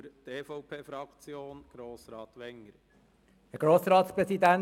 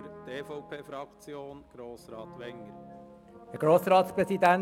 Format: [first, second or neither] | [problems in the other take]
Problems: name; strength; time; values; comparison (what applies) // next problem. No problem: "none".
first | background sound (Brass instrument); 19 dB below the speech